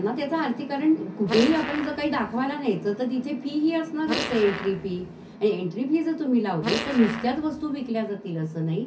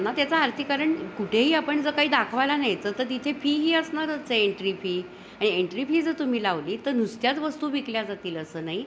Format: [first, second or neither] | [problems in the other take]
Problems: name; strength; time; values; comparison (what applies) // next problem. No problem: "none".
second | background sound (Fart); 8 dB below the speech // room echo; dies away in 0.3 s